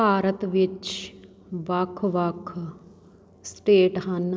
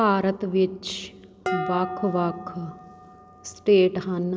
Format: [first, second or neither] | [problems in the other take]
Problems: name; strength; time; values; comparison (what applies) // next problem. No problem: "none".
first | background sound (Dishes, pots, and pans); 11 dB below the speech